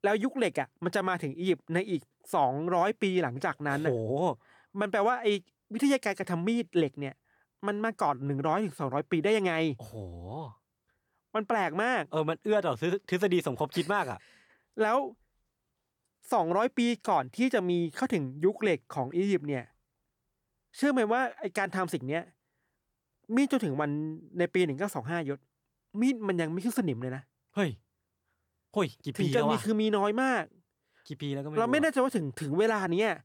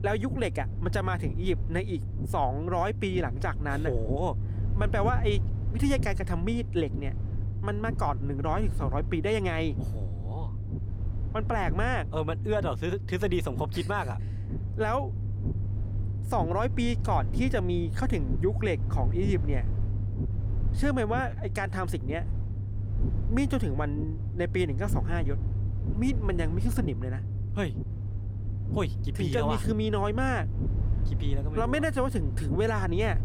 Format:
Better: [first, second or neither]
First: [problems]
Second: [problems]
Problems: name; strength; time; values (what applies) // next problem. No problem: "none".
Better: first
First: none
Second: low rumble; noticeable; throughout; 15 dB below the speech